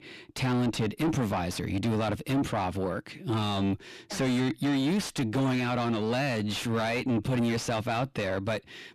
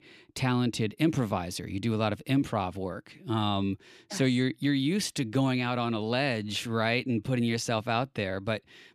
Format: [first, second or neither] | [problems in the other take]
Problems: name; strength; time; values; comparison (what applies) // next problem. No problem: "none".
second | distortion; heavy; 7 dB below the speech